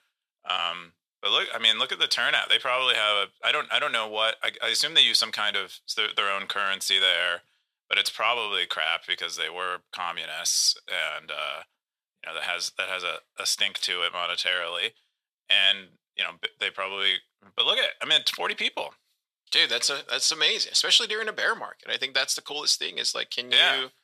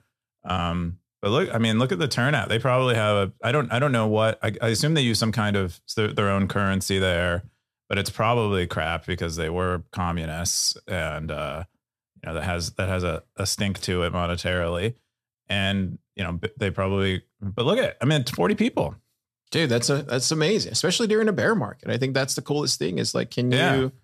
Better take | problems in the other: second | thin; very; fading below 750 Hz

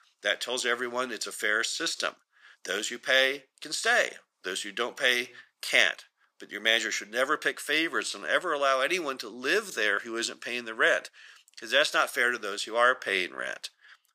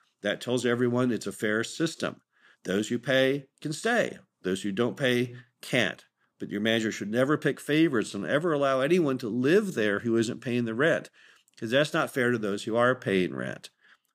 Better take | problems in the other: second | thin; very; fading below 750 Hz

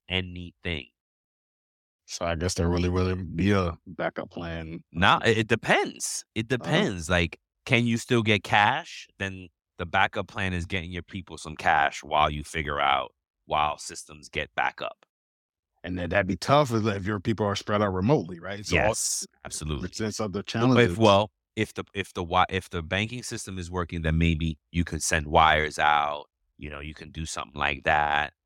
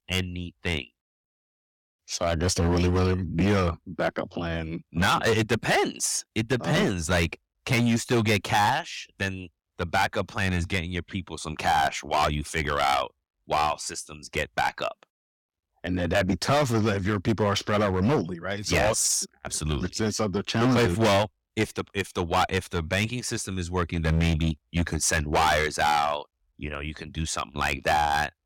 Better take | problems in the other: first | distortion; heavy; 8% of the sound clipped

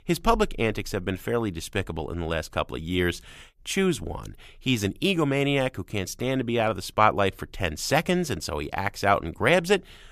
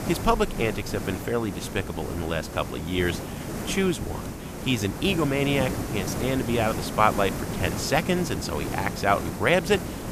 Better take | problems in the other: first | hiss; loud; throughout; 7 dB below the speech

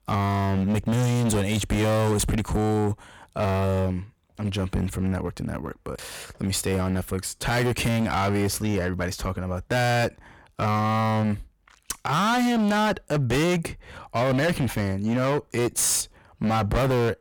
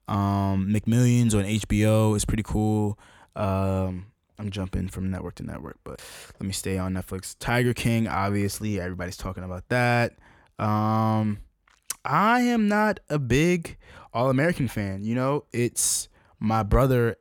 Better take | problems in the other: second | distortion; heavy; 24% of the sound clipped

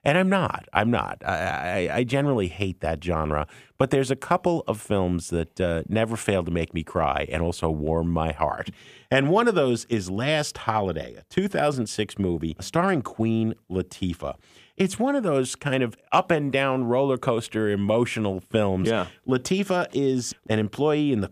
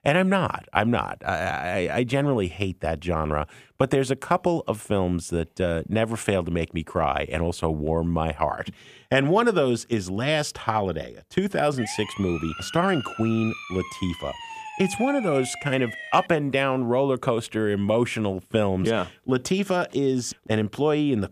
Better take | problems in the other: first | siren; noticeable; from 12 to 16 s; peak 8 dB below the speech

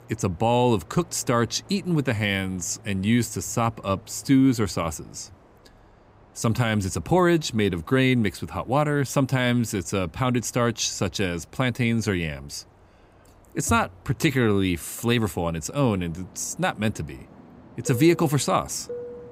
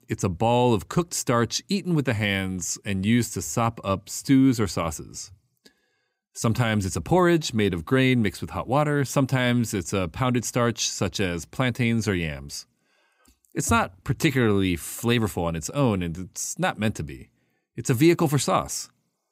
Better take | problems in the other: second | train or aircraft noise; faint; throughout; 25 dB below the speech

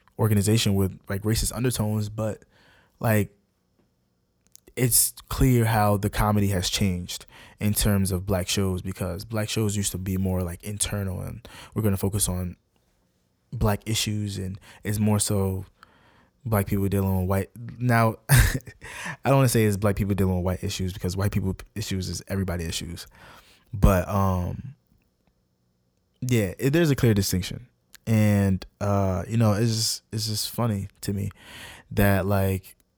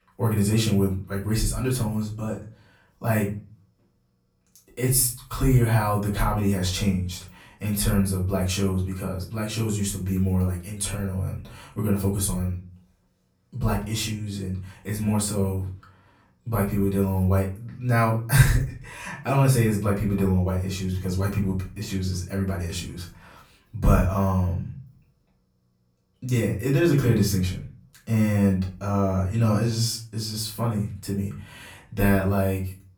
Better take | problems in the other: first | off-mic speech; far // room echo; slight; dies away in 0.3 s

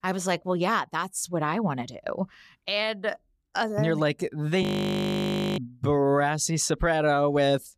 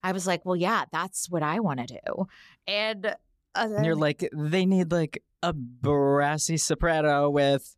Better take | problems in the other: second | audio freezing; at 4.5 s for 1 s

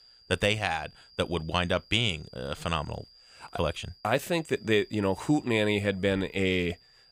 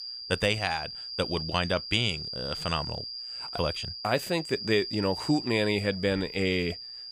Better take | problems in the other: first | high-pitched whine; loud; throughout; 5 kHz, 7 dB below the speech; faint in the first

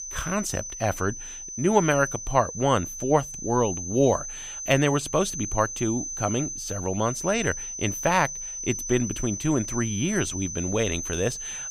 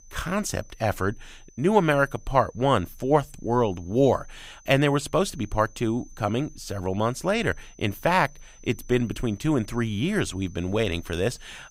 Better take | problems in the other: second | high-pitched whine; loud; throughout; 6 kHz, 6 dB below the speech; faint in the second

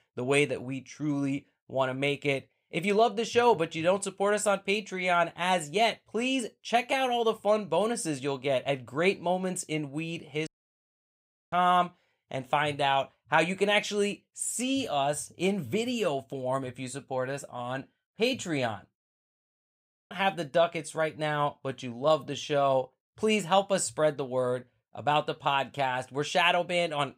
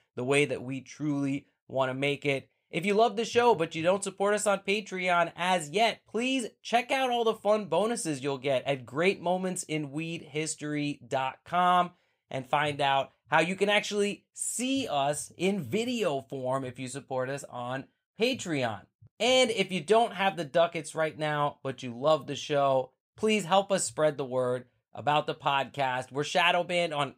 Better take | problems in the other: second | audio cutting out; at 10 s for 1 s and at 19 s for 1 s

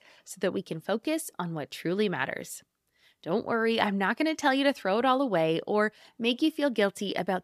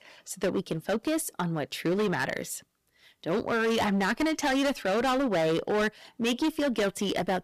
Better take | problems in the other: first | distortion; heavy; 18% of the sound clipped

